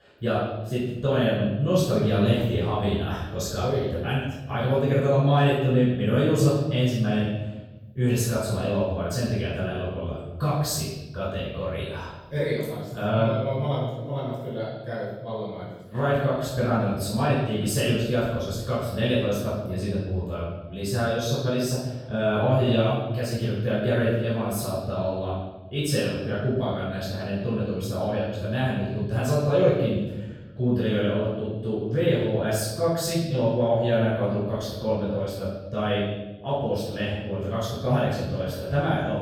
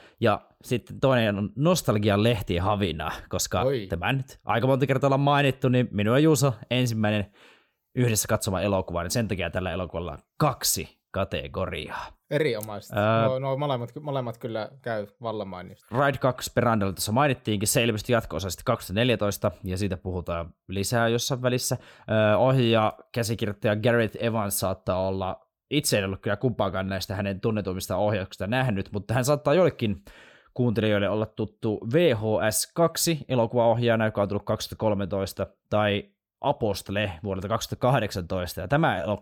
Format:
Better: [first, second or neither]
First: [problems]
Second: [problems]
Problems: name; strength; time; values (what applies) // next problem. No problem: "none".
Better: second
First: off-mic speech; far // room echo; strong; dies away in 1.2 s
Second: none